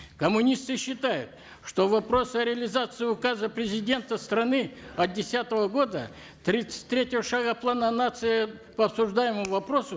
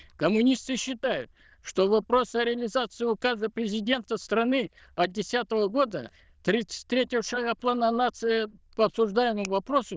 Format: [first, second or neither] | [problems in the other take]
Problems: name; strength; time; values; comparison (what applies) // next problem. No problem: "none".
first | noise reduction (neural diffusion model UNIVERSE++)